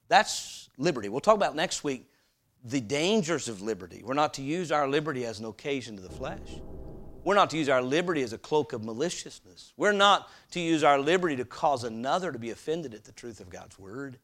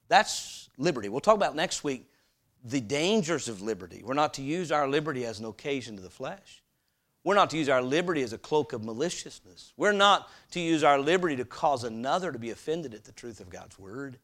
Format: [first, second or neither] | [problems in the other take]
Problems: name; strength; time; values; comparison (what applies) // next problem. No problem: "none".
second | door banging; faint; from 6 to 7.5 s; peak 15 dB below the speech